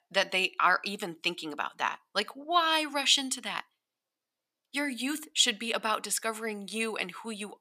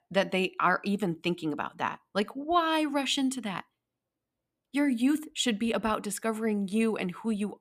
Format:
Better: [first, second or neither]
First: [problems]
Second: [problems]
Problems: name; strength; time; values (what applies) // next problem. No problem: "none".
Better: second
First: thin; somewhat; fading below 1 kHz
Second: none